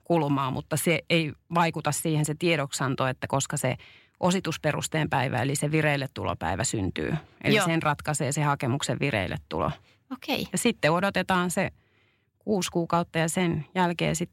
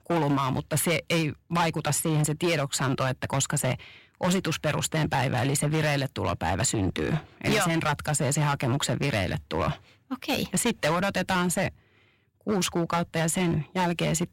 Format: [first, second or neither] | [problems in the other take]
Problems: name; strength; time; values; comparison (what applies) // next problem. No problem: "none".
first | distortion; heavy; 12% of the sound clipped